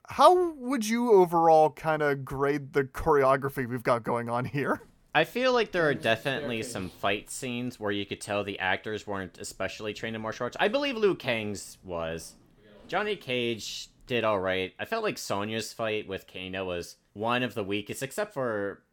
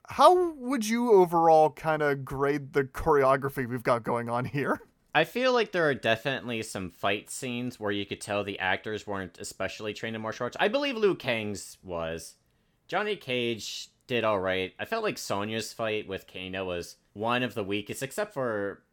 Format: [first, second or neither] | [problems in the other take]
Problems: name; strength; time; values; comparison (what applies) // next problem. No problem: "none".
second | footsteps; faint; from 5 to 14 s; peak 10 dB below the speech